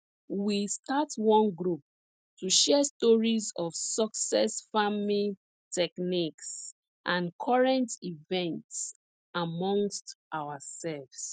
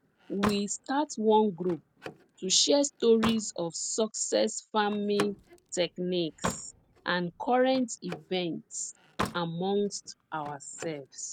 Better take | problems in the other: first | background sound (Slam); 12 dB below the speech

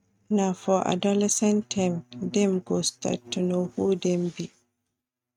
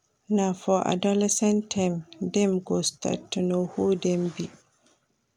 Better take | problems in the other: second | noise reduction (neural mask model RNNoise)

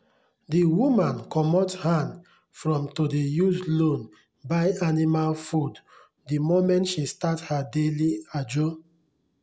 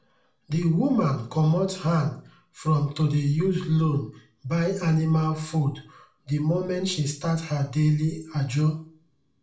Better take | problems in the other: first | room echo; dies away in 0.4 s

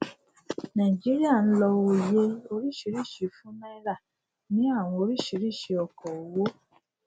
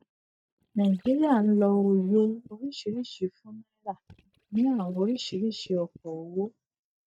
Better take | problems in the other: first | noise reduction (neural mask model DeepFilterNet 3)

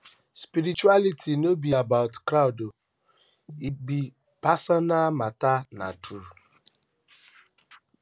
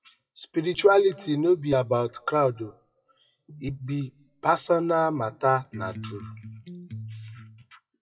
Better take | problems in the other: first | noise reduction (classical method WPE with log-MMSE)

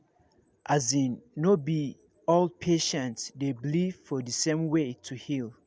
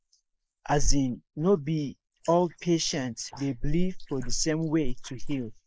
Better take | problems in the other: first | noise reduction (neural mask model Resemble Enhance denoiser)

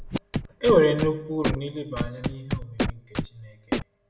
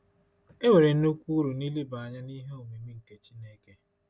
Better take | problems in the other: second | background sound (Scratching (performance technique)); 4 dB below the speech // room echo; dies away in 0.6 s

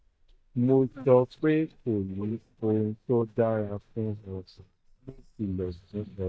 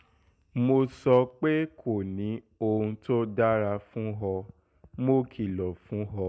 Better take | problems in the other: second | noise reduction (neural mask model DeepFilterNet 3)

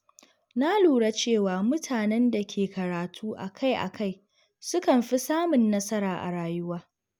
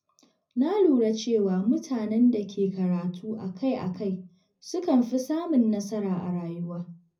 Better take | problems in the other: first | room echo; dies away in 0.4 s

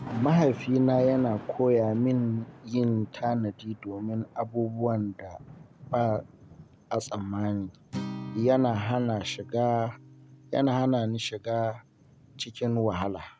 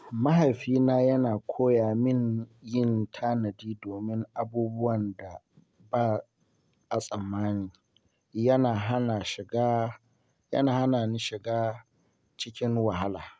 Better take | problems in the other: second | background sound (Thunder / Rain + Acoustic guitar); 16 dB below the speech

